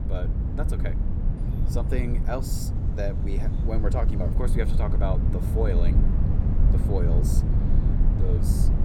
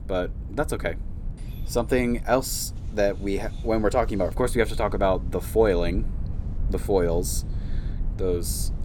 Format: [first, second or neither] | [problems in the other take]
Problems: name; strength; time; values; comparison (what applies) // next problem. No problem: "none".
second | low rumble; loud; throughout; 3 dB below the speech; faint in the second